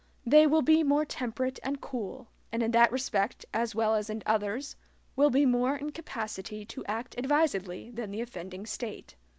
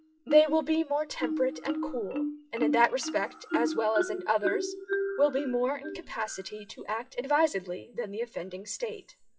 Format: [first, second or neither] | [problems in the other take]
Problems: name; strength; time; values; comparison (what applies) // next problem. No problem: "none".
first | noise reduction (classical method WPE with log-MMSE)